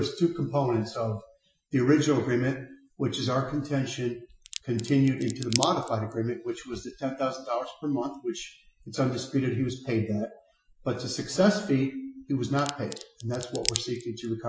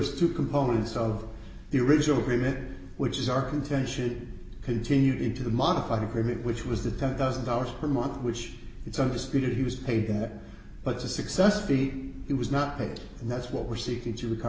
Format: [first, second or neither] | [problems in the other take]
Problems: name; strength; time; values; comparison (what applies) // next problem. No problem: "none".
second | noise reduction (classical method Wiener filter)